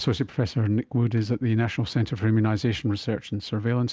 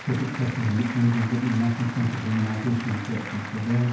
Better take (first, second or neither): first